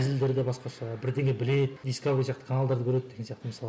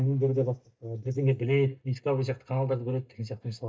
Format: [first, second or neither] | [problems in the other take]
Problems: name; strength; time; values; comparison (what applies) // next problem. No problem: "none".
first | noise reduction (neural mask model DeepFilterNet 3)